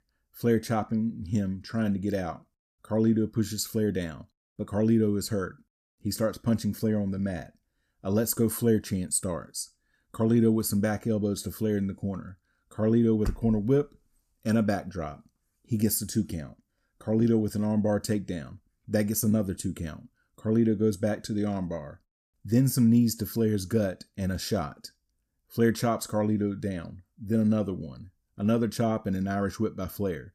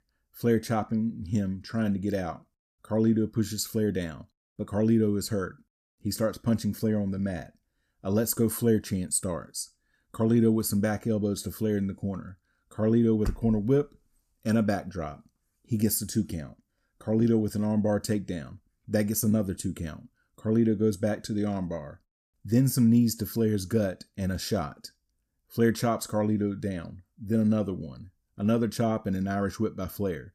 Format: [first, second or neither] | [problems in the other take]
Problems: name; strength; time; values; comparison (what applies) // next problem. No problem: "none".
neither | none